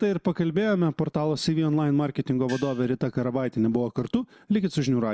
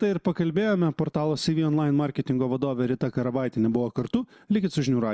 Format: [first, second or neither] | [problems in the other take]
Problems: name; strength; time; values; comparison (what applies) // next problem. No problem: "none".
second | background sound (Gong); 17 dB below the speech